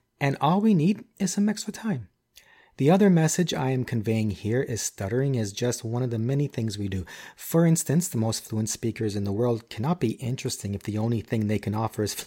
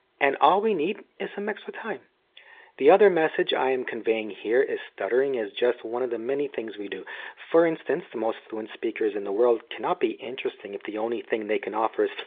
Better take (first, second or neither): first